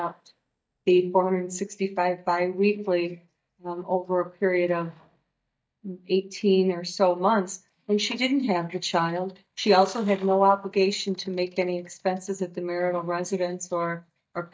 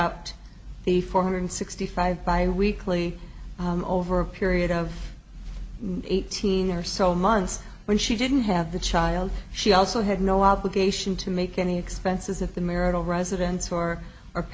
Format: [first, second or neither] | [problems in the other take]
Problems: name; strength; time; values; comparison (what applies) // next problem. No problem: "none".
second | noise reduction (neural mask model DeepFilterNet 3)